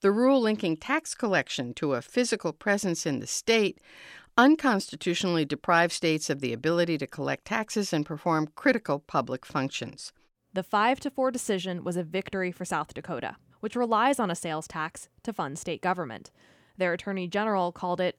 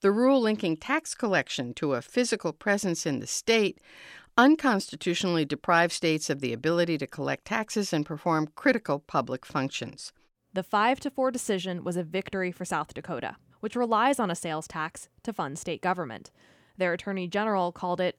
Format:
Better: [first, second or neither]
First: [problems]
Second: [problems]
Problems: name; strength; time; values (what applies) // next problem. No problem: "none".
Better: neither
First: none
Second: none